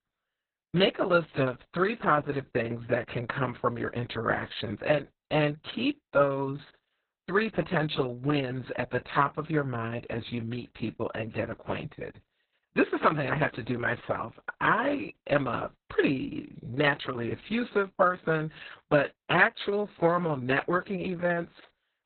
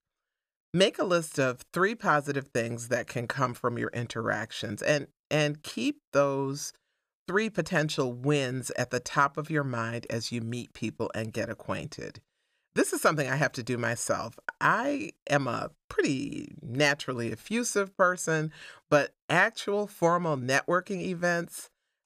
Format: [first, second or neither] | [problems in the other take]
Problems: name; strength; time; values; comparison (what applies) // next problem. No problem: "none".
second | garbled, watery; badly; nothing above 4 kHz